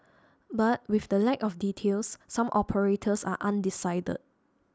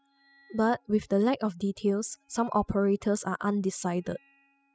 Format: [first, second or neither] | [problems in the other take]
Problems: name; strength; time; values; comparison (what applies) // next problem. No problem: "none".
first | noise reduction (classical method spectral subtraction)